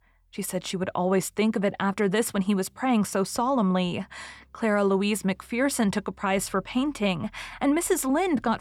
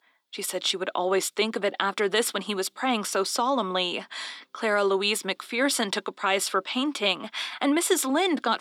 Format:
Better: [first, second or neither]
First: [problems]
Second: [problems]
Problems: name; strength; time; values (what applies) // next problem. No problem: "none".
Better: first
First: none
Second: thin; very slightly; fading below 300 Hz